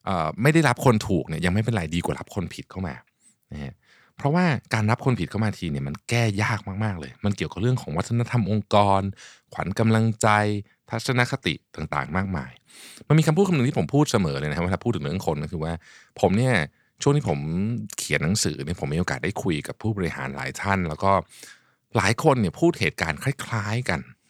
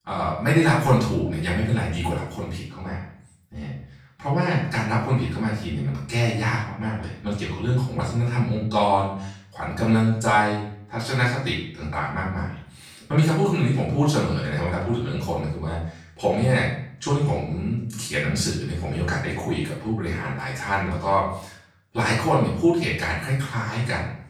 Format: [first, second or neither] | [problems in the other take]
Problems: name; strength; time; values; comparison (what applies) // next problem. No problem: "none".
first | room echo; noticeable; dies away in 0.5 s // off-mic speech; far